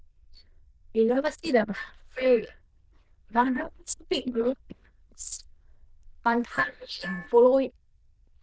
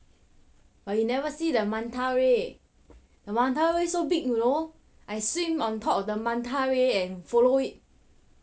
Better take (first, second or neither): second